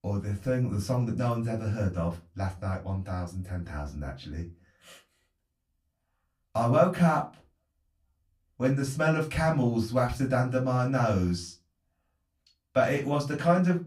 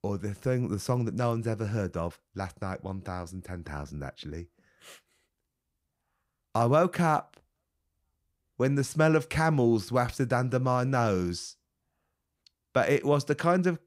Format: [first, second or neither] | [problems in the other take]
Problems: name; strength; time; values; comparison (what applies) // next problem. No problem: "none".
second | off-mic speech; far // room echo; very slight; dies away in 0.2 s